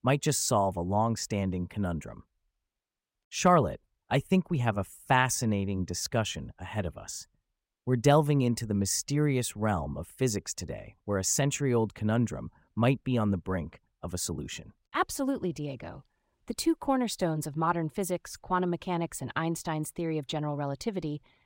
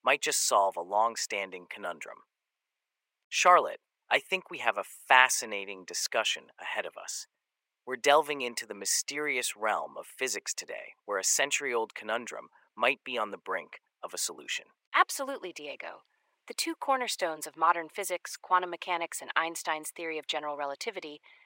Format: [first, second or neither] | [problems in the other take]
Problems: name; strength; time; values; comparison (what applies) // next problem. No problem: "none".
first | thin; very; fading below 500 Hz